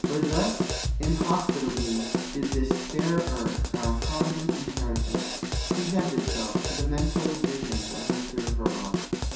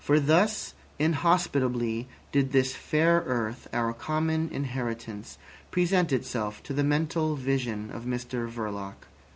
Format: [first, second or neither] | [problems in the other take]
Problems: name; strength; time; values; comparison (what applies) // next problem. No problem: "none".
second | background sound (Drum kit); 2 dB above the speech // room echo; dies away in 0.7 s